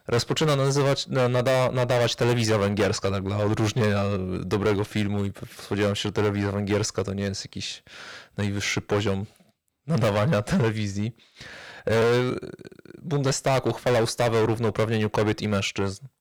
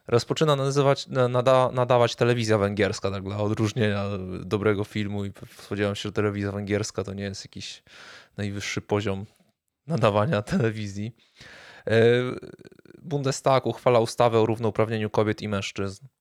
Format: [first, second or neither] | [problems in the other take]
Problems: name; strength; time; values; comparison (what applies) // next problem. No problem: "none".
second | distortion; heavy; 13% of the sound clipped